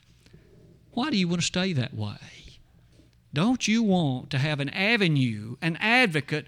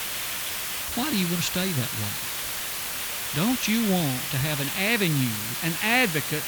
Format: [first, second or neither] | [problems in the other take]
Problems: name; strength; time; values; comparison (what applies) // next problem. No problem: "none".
first | hiss; loud; throughout; 2 dB below the speech